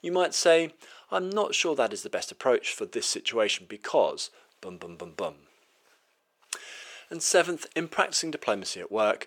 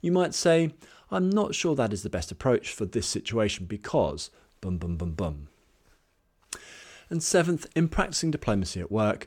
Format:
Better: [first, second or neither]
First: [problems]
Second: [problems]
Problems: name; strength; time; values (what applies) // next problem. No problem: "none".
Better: second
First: thin; very; fading below 500 Hz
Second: none